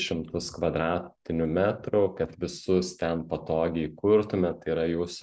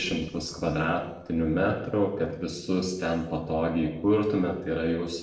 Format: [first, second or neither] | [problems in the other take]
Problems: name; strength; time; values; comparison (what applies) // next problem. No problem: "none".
first | noise reduction (neural separator model SepFormer DNS4)